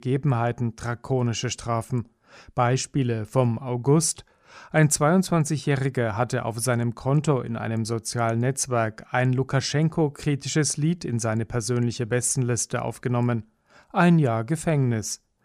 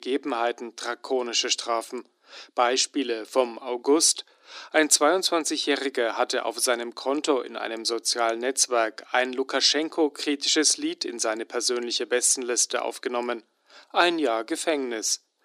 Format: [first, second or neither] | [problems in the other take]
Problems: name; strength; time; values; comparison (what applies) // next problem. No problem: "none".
first | thin; somewhat; fading below 300 Hz